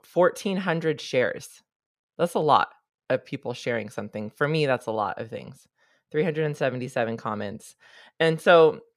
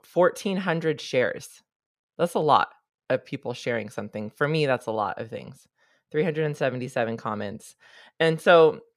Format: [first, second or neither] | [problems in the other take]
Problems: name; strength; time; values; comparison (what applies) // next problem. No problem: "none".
neither | none